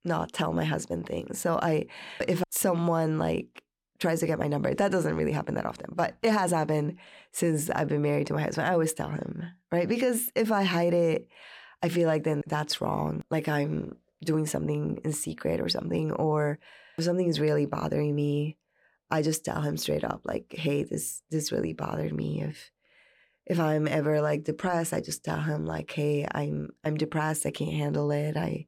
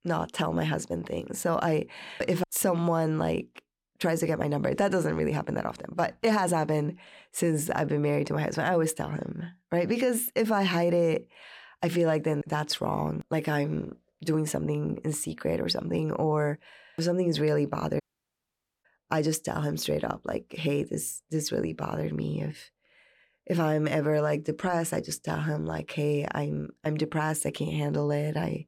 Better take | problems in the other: first | audio cutting out; at 18 s for 1 s

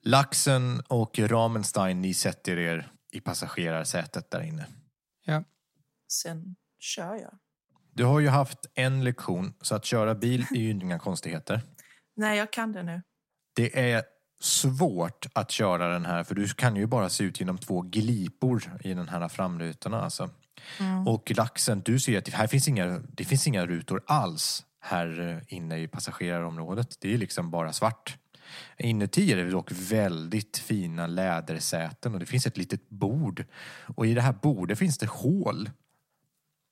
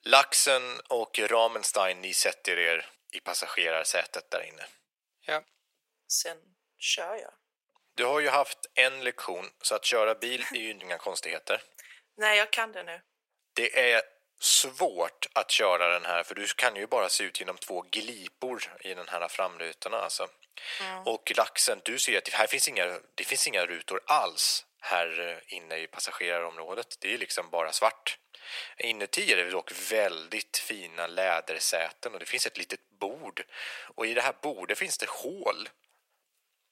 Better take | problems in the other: first | thin; very; fading below 450 Hz

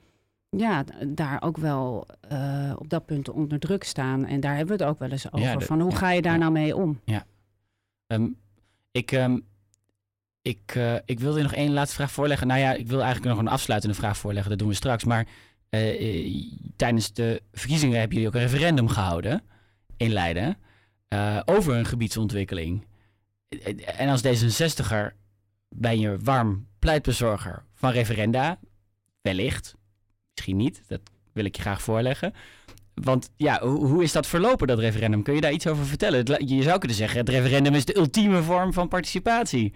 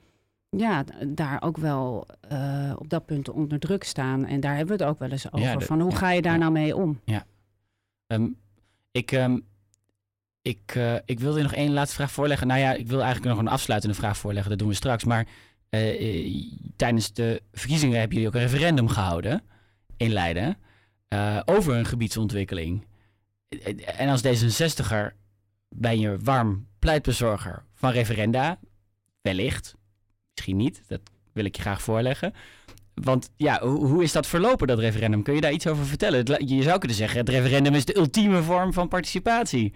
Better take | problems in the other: neither | distortion; slight; 10 dB below the speech; the same in both

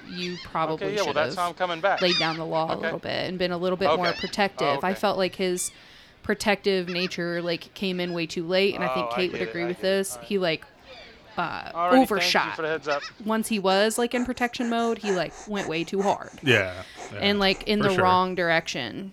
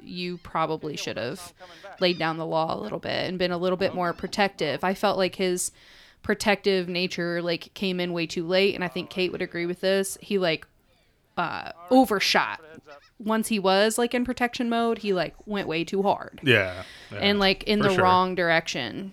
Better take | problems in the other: second | animal sounds; loud; throughout; 5 dB below the speech; faint in the second

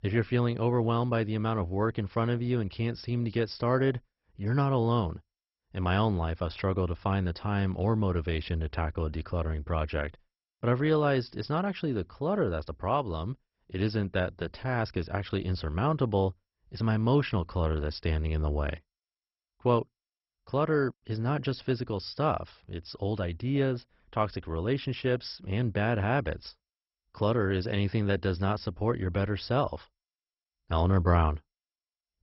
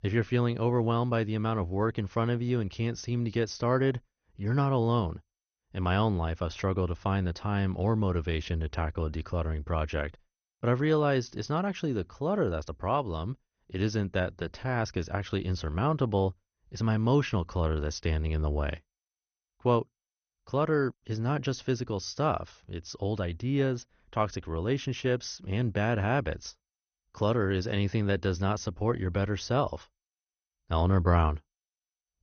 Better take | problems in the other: second | garbled, watery; badly; nothing above 5.5 kHz; slightly in the second

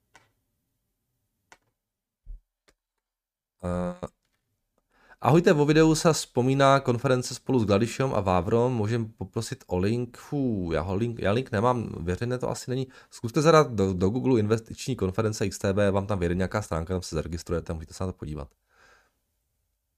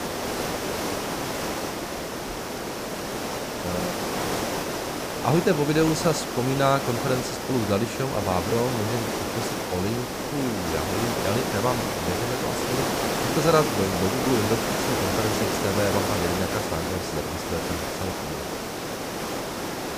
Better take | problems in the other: first | hiss; loud; throughout; 1 dB below the speech

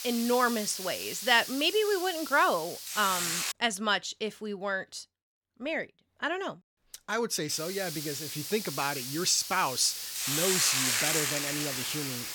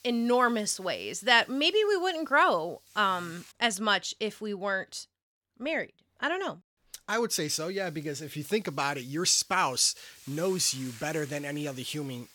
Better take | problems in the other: second | hiss; loud; until 3.5 s and from 7.5 s on; 2 dB below the speech; faint in the second

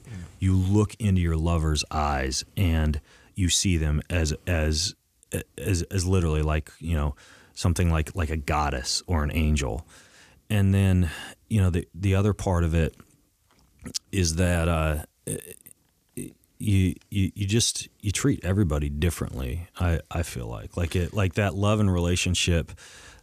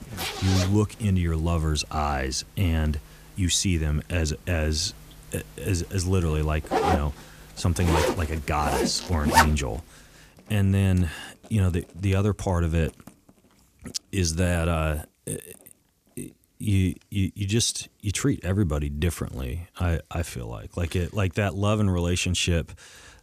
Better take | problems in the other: first | household noises; loud; throughout; 1 dB below the speech

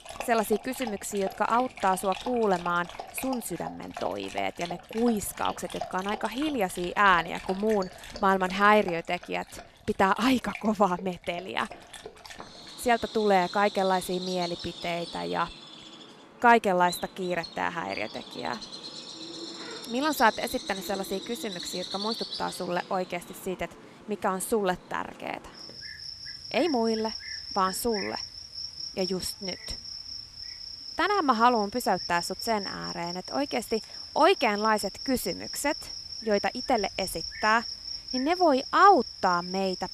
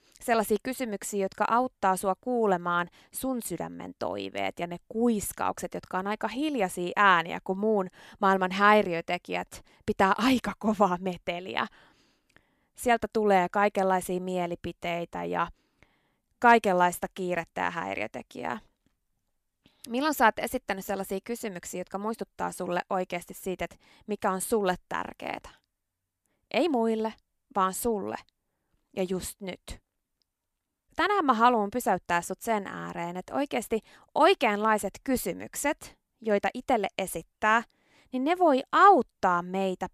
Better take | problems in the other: second | animal sounds; noticeable; throughout; 10 dB below the speech

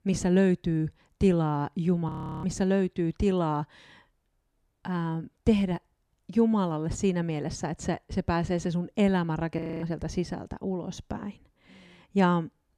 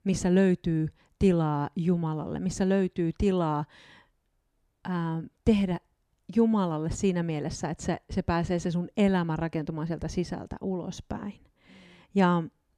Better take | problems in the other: second | audio freezing; at 2 s and at 9.5 s

